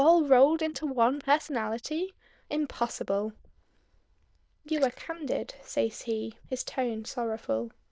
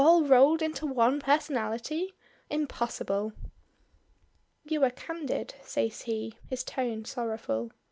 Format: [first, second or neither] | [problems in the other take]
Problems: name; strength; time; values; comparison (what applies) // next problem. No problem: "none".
second | noise reduction (neural diffusion model UNIVERSE++)